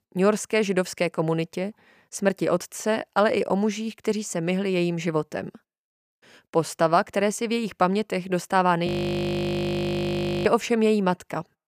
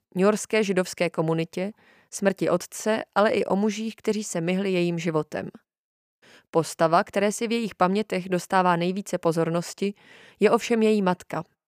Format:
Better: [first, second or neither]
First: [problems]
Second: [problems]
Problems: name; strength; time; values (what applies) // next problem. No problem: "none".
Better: second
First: audio freezing; at 9 s for 1.5 s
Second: none